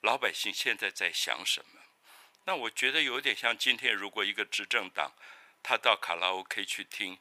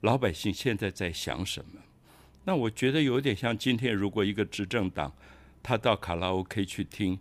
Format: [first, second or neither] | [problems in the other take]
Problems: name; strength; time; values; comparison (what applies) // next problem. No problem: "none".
second | thin; very; fading below 900 Hz